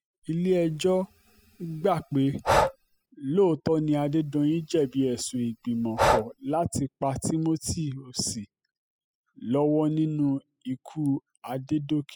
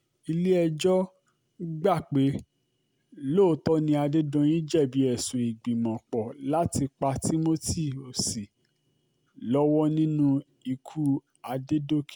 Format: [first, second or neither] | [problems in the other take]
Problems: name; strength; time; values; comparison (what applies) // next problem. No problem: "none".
second | noise reduction (classical method spectral subtraction)